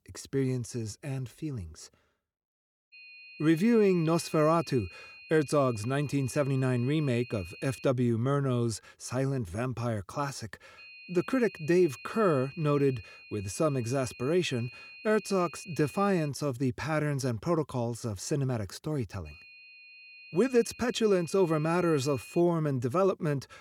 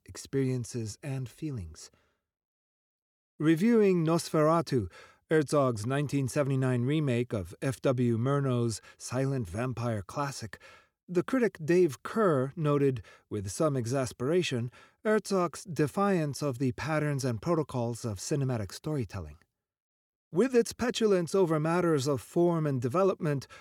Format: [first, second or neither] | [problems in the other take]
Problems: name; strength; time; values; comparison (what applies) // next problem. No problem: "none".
second | high-pitched whine; noticeable; from 3 to 8 s, from 11 to 16 s and from 19 to 22 s; 2.5 kHz, 20 dB below the speech